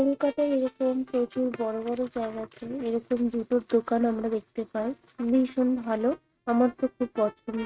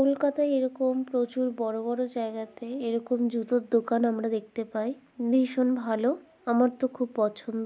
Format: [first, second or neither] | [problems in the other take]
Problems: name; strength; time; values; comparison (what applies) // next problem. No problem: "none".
second | noise reduction (neural mask model RNNoise)